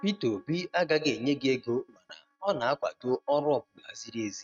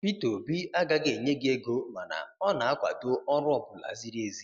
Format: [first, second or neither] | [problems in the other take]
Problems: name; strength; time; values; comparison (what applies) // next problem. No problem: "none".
second | noise reduction (neural mask model RNNoise)